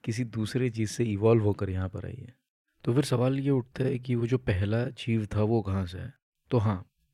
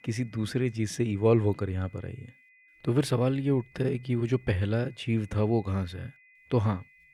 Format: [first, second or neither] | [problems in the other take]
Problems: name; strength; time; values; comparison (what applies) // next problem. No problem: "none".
first | high-pitched whine; faint; throughout; 2 kHz, 30 dB below the speech